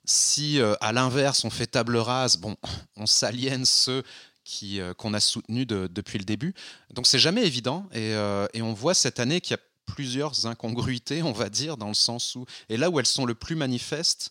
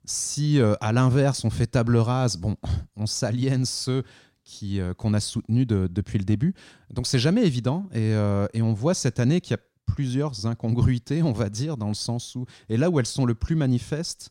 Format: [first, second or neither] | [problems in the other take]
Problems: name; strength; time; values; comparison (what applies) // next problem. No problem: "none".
second | thin; somewhat; fading below 1 kHz